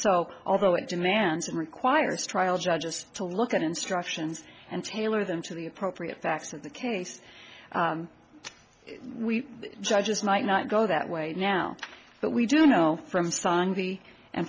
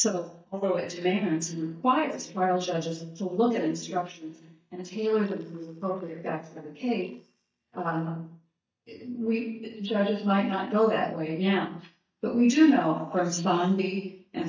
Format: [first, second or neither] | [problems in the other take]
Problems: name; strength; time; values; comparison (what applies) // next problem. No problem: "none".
first | noise reduction (neural mask model DeepFilterNet 3)